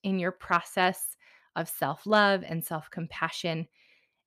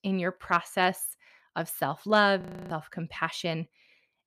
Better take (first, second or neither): first